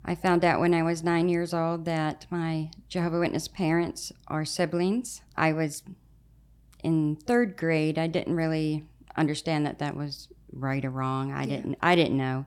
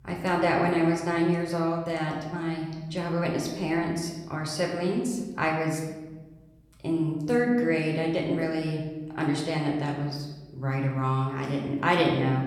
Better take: first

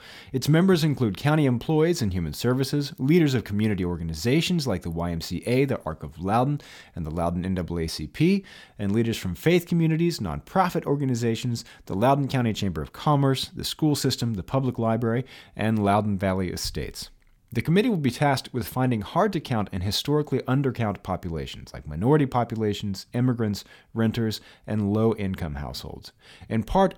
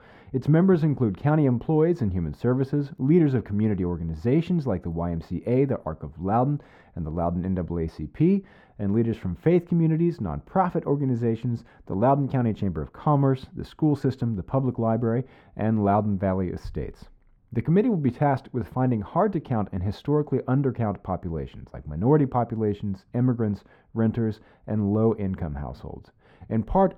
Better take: first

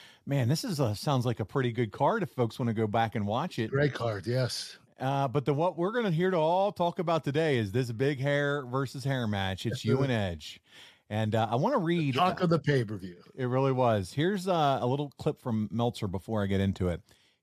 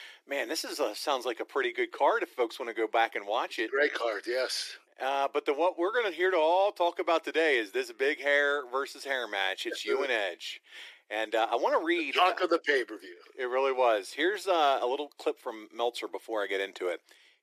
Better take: first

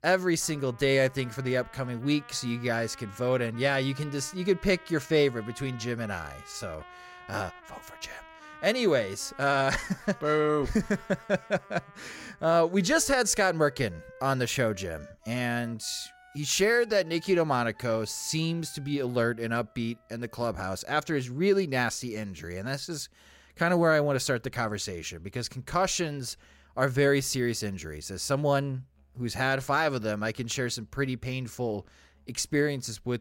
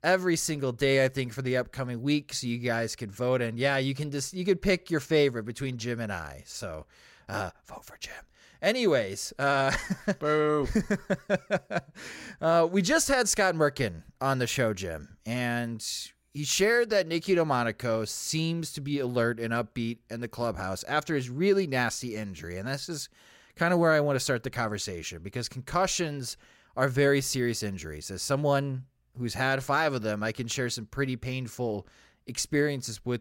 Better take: second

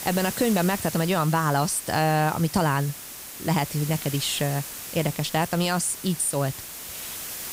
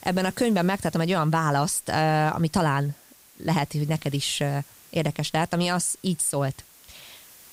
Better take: second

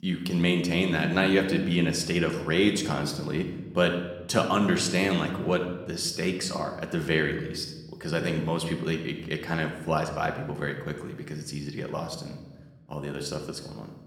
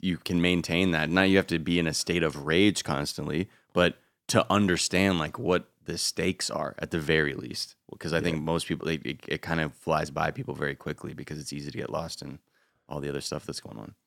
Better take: second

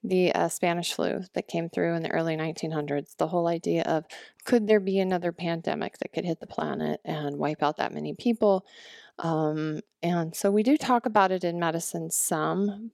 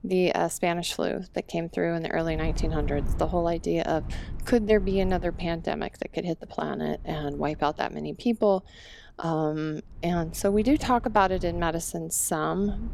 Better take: first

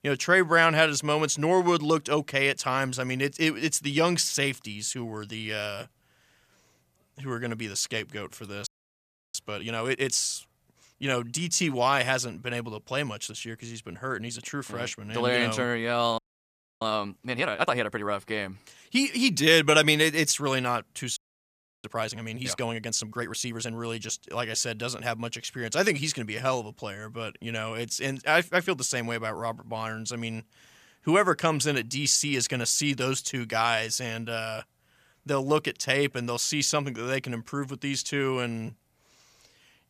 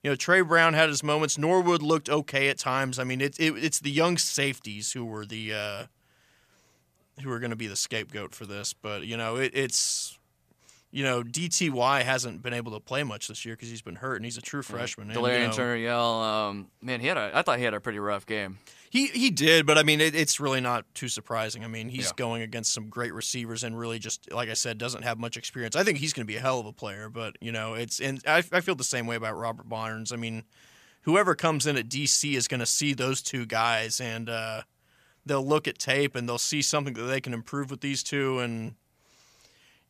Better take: second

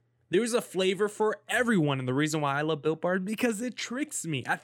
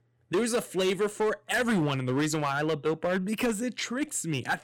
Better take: first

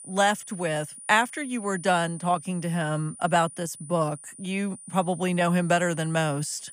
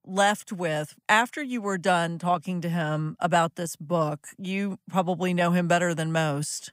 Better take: second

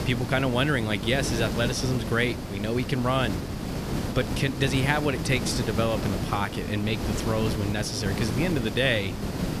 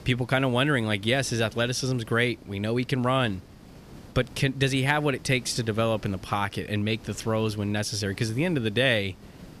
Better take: second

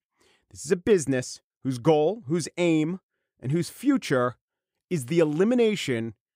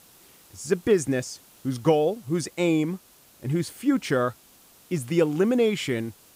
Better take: first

